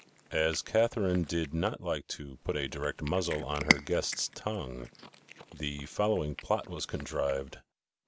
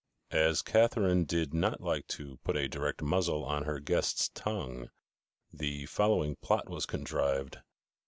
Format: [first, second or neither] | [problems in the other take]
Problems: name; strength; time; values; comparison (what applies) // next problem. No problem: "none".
second | background sound (Cat); 8 dB below the speech